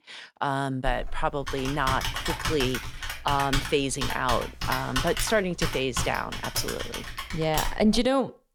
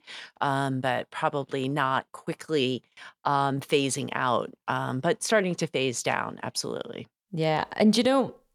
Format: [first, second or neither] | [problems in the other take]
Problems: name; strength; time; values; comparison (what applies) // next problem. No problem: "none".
second | keyboard typing; noticeable; from 1 to 8 s; peak 1 dB below the speech